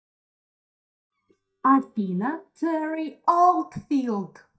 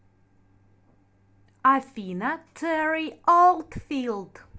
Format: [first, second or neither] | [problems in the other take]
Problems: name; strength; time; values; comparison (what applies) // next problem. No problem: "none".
second | noise reduction (neural mask model DeepFilterNet 3)